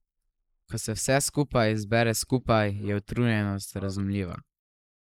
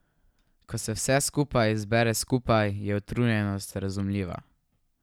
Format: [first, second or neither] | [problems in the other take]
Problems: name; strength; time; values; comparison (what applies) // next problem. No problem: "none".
second | noise reduction (neural mask model Resemble Enhance denoiser)